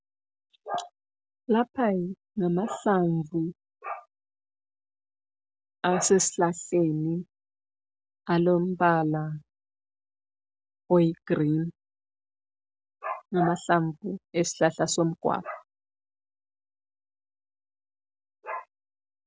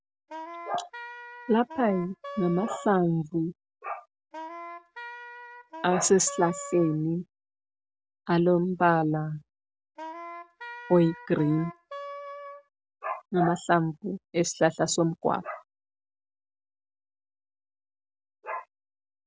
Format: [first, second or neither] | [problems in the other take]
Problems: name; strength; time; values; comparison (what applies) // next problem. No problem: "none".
first | background sound (Wind instrument, woodwind instrument); 12 dB below the speech